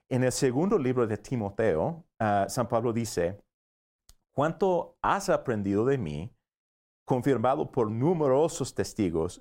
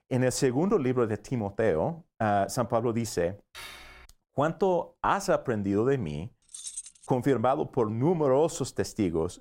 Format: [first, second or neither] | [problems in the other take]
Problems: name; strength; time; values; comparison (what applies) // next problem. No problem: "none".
first | clattering dishes; faint; at 3.5 s; peak 15 dB below the speech // jangling keys; noticeable; at 6.5 s; peak 10 dB below the speech